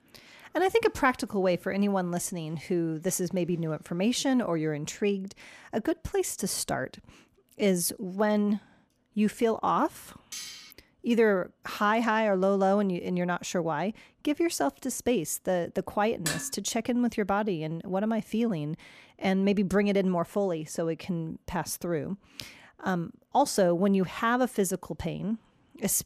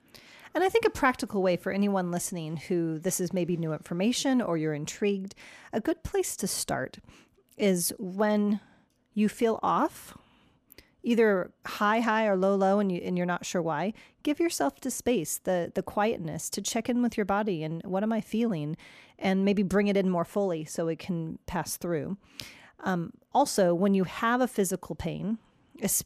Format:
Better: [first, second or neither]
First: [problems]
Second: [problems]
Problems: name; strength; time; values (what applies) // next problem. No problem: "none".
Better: second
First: clattering dishes; noticeable; at 10 s and at 16 s; peak 4 dB below the speech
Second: none